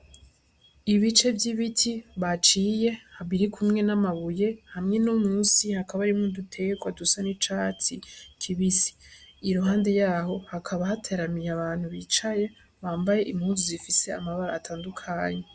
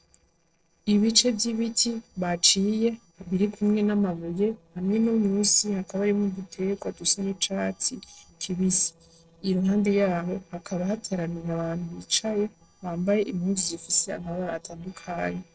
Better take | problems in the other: first | noise reduction (neural separator model SepFormer DNS4)

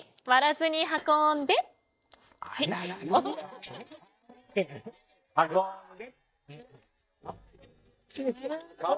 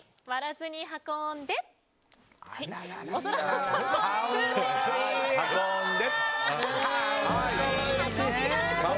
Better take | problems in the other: second | noise reduction (neural mask model DeepFilterNet 3)

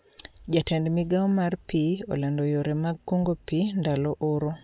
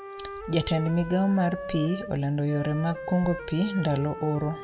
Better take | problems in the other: first | background sound (Wind instrument, woodwind instrument); 11 dB below the speech // room echo; dies away in 1.1 s

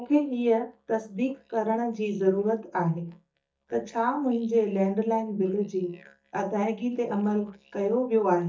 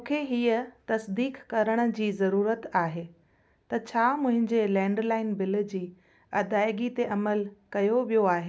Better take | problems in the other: second | noise reduction (neural mask model DeepFilterNet 3)

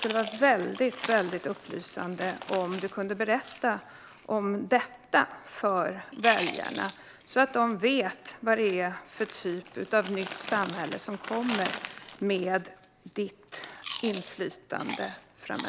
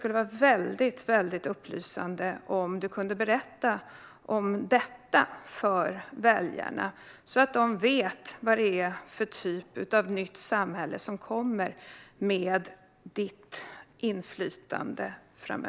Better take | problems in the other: second | background sound (Chewing, mastication); 12 dB below the speech

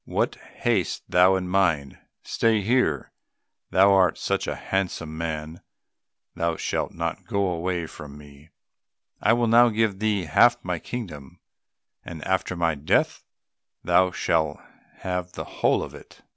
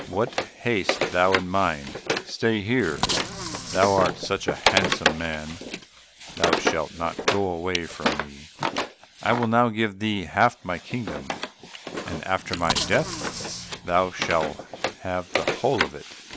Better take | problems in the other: first | background sound (Bicycle + Wood); 3 dB below the speech

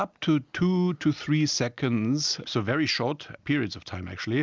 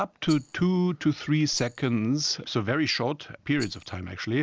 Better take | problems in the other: first | background sound (Rattle); 20 dB below the speech

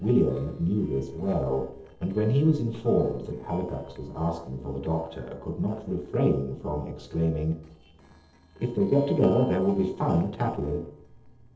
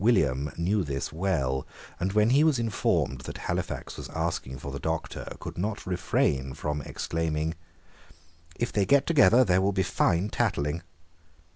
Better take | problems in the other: second | noise reduction (neural separator model SepFormer DNS4)

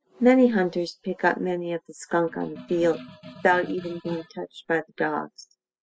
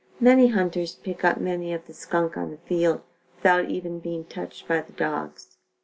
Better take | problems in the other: second | noise reduction (classical method spectral subtraction)

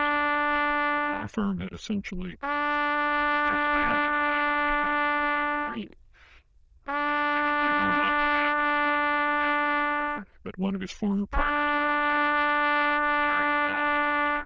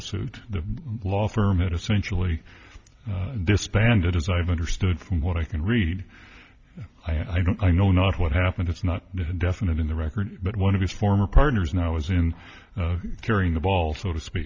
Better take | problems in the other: second | noise reduction (neural diffusion model UNIVERSE++)

